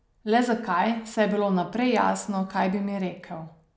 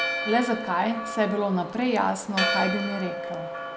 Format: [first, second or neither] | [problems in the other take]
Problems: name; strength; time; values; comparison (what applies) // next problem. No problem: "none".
first | background sound (Church bell); 4 dB below the speech